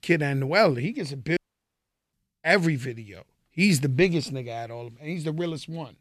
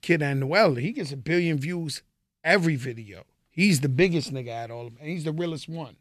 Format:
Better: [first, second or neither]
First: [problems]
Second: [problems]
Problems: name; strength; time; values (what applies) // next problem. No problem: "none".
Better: second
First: audio cutting out; at 1.5 s for 1 s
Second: none